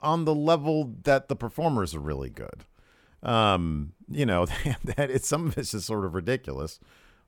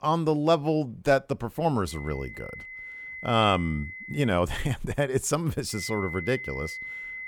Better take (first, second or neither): first